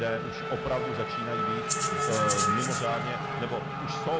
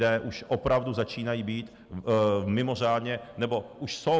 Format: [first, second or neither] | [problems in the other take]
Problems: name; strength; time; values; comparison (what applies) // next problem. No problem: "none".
second | background sound (Rattle (instrument) + Race car, auto racing / Accelerating, revving, vroom); 3 dB above the speech